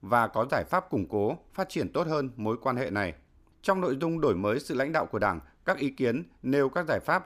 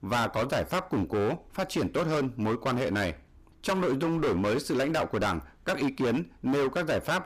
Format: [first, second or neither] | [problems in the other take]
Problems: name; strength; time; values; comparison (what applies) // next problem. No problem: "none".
first | distortion; heavy; 21% of the sound clipped